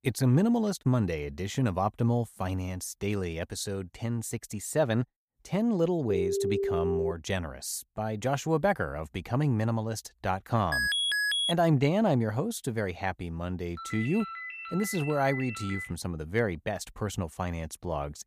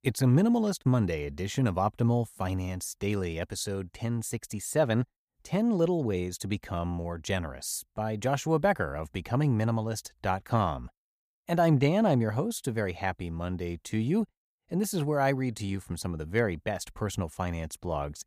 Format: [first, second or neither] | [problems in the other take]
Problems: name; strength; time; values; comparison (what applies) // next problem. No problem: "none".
second | phone ringing; loud; from 6 to 7 s; peak 1 dB above the speech // alarm; loud; at 11 s; peak 5 dB above the speech // phone ringing; noticeable; from 14 to 16 s; peak 7 dB below the speech